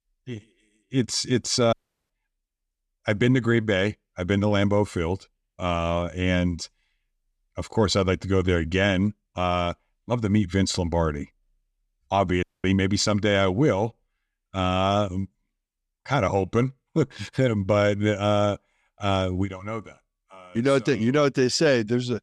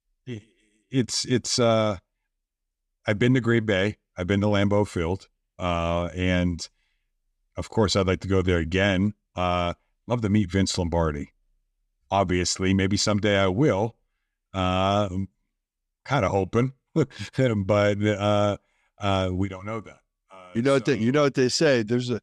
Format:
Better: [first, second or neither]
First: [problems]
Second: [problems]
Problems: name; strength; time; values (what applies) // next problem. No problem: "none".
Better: second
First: audio cutting out; at 1.5 s and at 12 s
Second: none